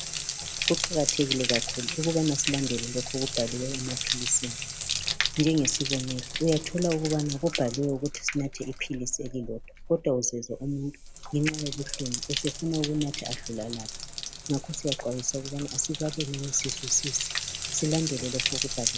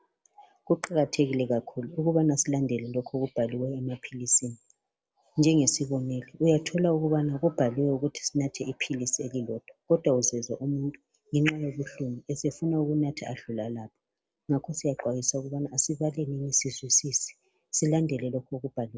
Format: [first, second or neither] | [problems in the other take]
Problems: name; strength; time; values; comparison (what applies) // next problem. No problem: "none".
second | background sound (Bathtub (filling or washing)); 4 dB below the speech